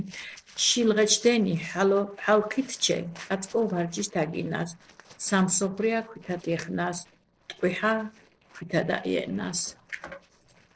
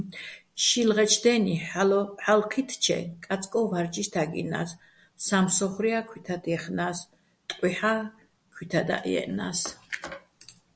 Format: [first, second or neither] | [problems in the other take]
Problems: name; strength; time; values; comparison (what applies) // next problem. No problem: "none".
second | noise reduction (neural separator model SepFormer DNS4)